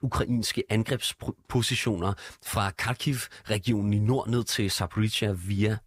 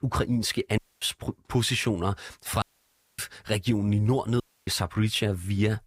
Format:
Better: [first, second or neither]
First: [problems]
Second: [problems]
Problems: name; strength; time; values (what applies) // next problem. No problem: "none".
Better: first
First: none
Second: audio cutting out; at 1 s, at 2.5 s for 0.5 s and at 4.5 s